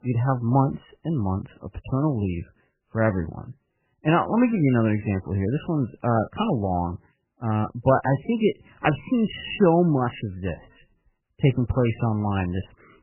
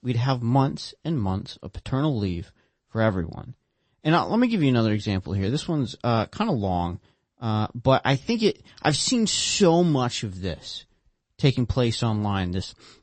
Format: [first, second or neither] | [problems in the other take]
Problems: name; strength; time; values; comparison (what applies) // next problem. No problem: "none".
second | garbled, watery; badly; nothing above 3 kHz; slightly in the second